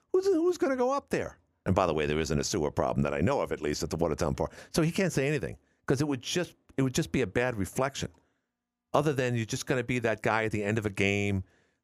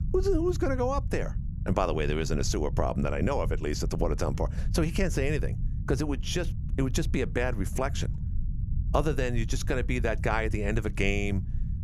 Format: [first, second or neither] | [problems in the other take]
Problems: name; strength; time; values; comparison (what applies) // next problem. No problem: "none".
first | low rumble; noticeable; throughout; 15 dB below the speech